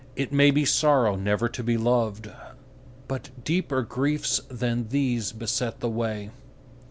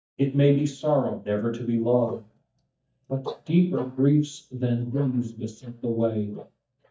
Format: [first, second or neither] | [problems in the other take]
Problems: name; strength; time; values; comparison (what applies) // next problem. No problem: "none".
first | noise reduction (neural mask model DeepFilterNet 3)